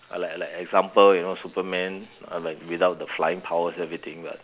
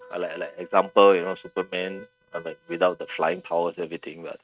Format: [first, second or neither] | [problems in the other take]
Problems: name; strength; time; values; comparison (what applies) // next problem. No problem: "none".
first | noise reduction (neural mask model RNNoise)